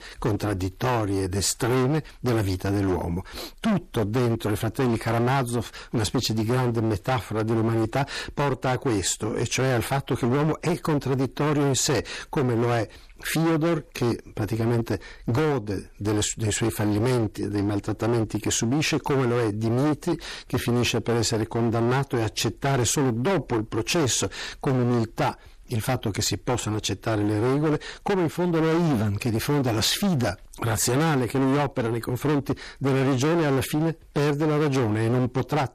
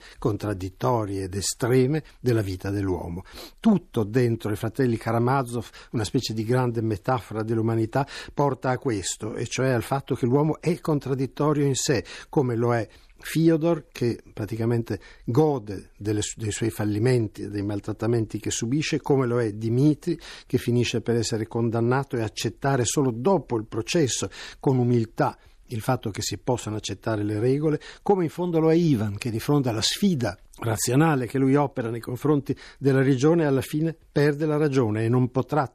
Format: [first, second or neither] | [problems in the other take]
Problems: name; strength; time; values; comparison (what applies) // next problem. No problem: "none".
second | distortion; heavy; 25% of the sound clipped